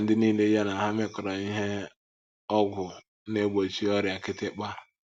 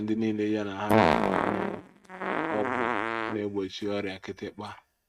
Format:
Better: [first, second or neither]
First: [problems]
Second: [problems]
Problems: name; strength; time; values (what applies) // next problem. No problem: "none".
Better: first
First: none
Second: noise reduction (neural mask model RNNoise)